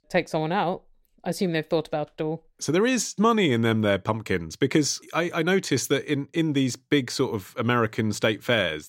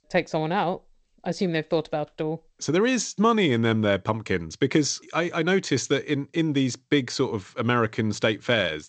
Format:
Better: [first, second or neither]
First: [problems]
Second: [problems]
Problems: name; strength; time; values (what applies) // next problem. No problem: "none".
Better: first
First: none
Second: garbled, watery; slightly; nothing above 7.5 kHz